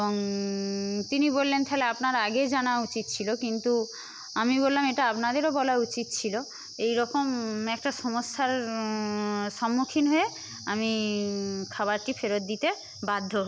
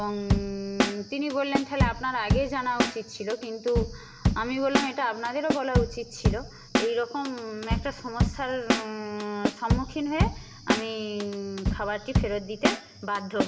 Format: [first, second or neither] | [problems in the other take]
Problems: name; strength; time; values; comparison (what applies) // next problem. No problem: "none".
first | background sound (Drum / Drum kit); 1 dB above the speech // room echo; dies away in 1.3 s